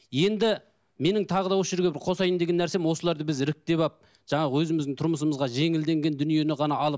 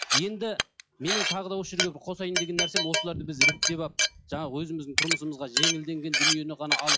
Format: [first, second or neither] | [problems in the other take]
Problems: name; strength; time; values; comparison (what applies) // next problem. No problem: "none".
first | noise reduction (classical method log-MMSE)